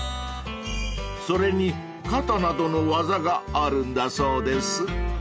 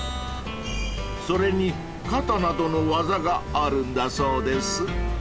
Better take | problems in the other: first | background sound (Water); 12 dB below the speech

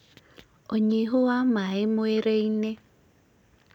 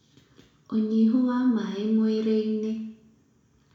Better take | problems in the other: first | room echo; dies away in 0.6 s

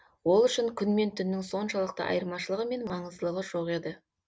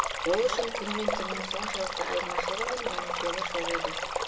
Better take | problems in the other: first | background sound (Stream); 2 dB above the speech // room echo; dies away in 1.3 s

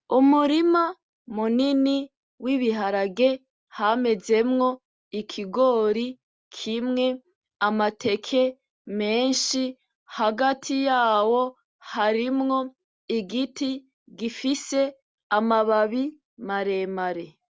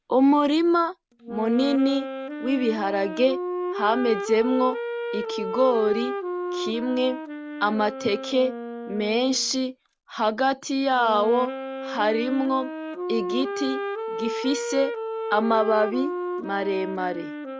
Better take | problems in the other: first | background sound (Wind instrument, woodwind instrument); 7 dB below the speech

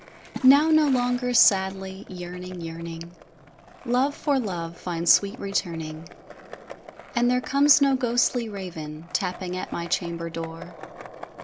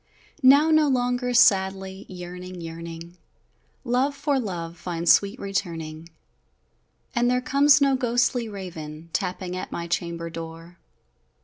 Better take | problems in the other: second | background sound (Water / Splash, splatter + Skateboard); 17 dB below the speech

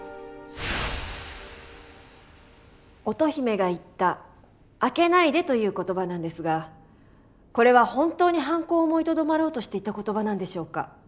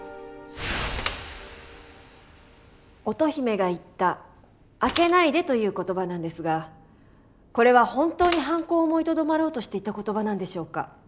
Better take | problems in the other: first | background sound (Mechanisms / Bicycle); 18 dB below the speech

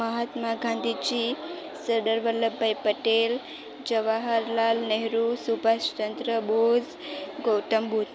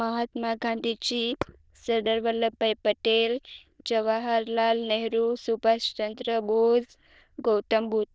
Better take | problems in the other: first | noise reduction (neural diffusion model UNIVERSE++)

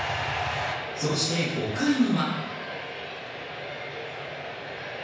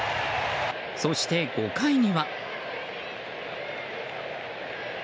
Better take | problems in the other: second | room echo; dies away in 1.1 s

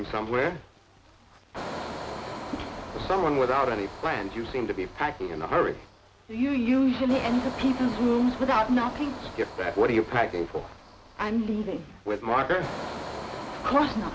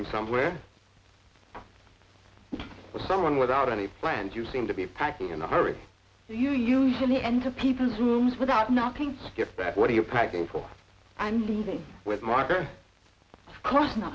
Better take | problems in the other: second | background sound (Engine); 12 dB below the speech

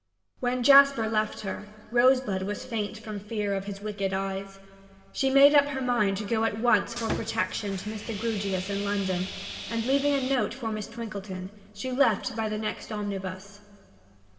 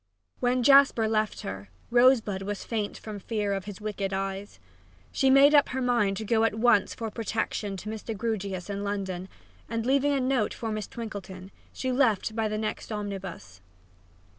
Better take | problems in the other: second | background sound (Sawing); 9 dB below the speech // room echo; dies away in 2 s

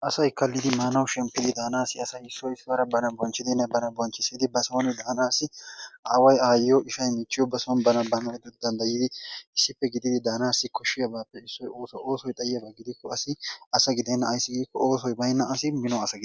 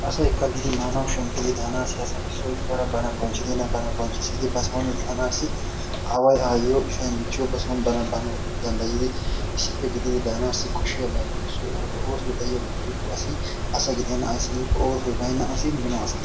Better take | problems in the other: first | background sound (Mechanisms); 1 dB above the speech // room echo; dies away in 0.4 s

